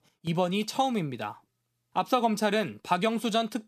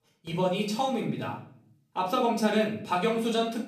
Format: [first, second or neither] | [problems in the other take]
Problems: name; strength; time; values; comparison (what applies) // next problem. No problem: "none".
first | off-mic speech; far // room echo; slight; dies away in 0.5 s